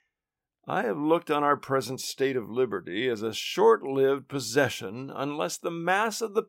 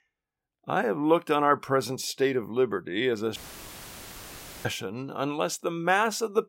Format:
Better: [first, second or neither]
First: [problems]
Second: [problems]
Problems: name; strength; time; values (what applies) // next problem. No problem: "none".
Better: first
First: none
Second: audio cutting out; filled with static; at 3.5 s for 1.5 s